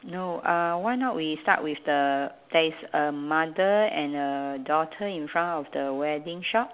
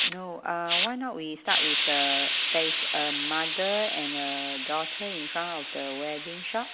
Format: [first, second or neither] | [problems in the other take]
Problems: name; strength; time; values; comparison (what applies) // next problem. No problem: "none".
first | background sound (Hiss); 2 dB above the speech